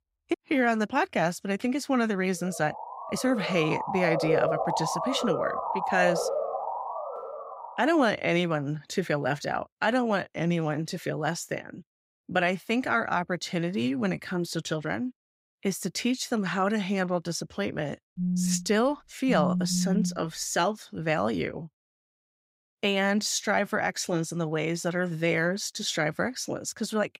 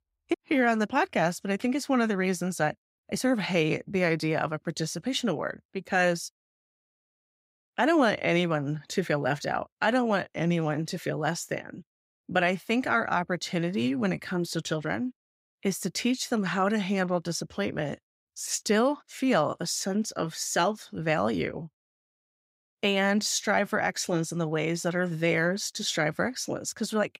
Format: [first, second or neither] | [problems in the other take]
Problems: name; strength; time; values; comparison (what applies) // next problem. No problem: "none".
second | siren; loud; from 2.5 to 8 s; peak 1 dB above the speech // phone ringing; loud; from 18 to 20 s; peak level with the speech